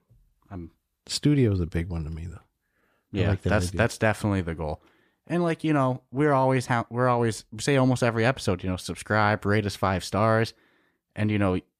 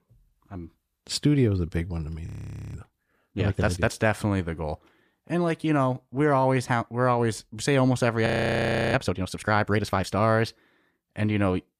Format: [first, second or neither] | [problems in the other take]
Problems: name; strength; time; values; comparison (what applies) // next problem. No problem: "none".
first | audio freezing; at 2.5 s and at 8.5 s for 0.5 s